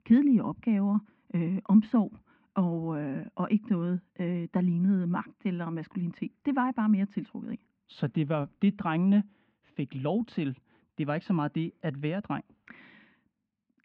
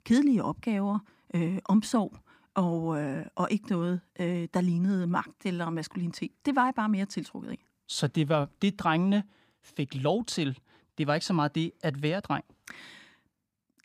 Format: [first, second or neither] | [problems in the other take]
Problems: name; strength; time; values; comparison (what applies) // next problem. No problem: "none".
second | muffled; very; fading above 2.5 kHz